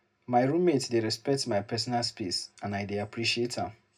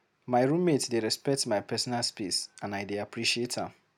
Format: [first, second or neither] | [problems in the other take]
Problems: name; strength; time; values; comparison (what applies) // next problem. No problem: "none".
second | room echo; dies away in 0.2 s